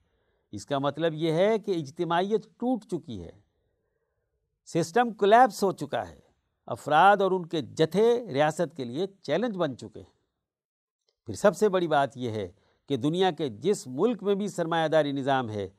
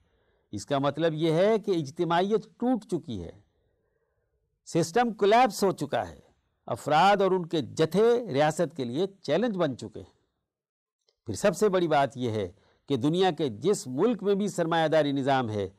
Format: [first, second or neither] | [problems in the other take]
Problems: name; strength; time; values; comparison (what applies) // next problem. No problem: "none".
first | distortion; slight; 10 dB below the speech